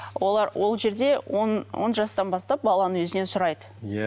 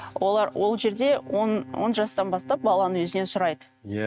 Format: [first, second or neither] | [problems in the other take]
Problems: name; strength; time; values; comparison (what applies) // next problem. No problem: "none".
first | noise reduction (neural mask model RNNoise)